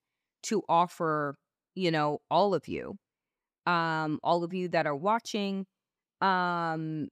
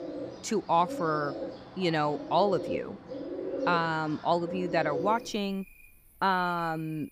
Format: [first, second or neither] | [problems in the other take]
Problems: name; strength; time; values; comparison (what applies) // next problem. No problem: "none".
first | animal sounds; loud; throughout; 8 dB below the speech